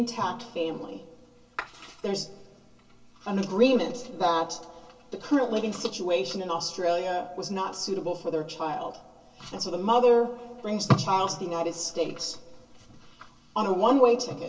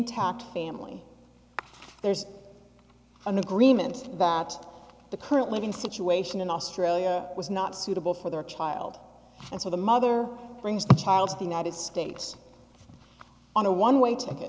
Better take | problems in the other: second | room echo; dies away in 0.2 s

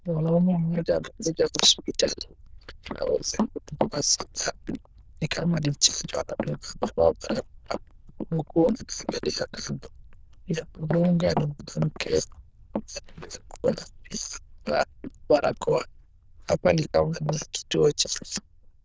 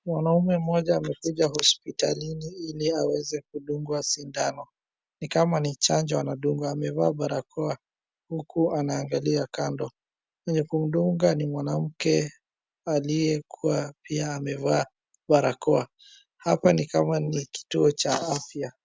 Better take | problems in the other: second | noise reduction (neural diffusion model UNIVERSE++)

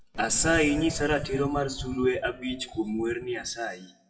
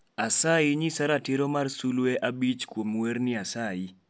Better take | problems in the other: second | noise reduction (classical method WPE with log-MMSE)

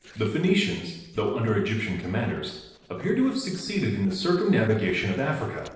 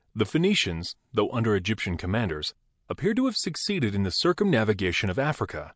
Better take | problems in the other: second | noise reduction (neural separator model SepFormer DNS4)

